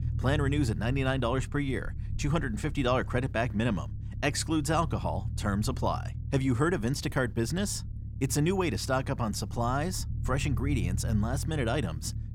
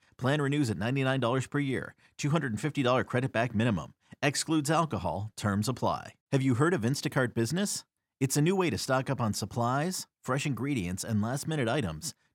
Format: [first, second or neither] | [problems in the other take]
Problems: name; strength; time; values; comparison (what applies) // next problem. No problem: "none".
second | low rumble; noticeable; throughout; 20 dB below the speech